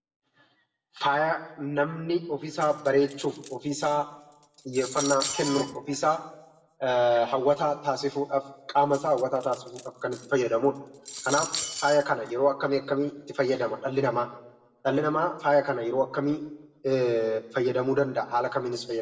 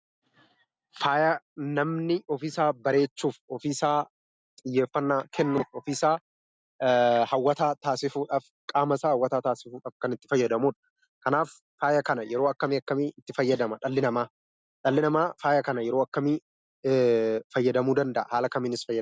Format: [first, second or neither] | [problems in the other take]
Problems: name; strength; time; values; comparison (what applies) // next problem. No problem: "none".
second | background sound (Cutlery, silverware); 12 dB below the speech // room echo; dies away in 0.7 s